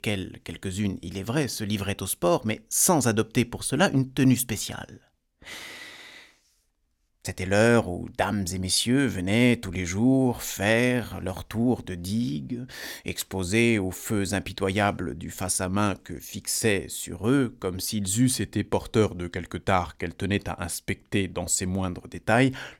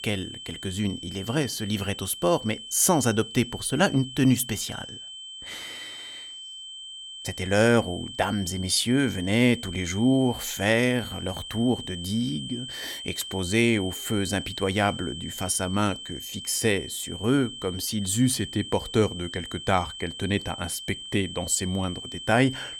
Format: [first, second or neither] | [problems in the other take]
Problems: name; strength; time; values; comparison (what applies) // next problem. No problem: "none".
first | high-pitched whine; noticeable; throughout; 3 kHz, 10 dB below the speech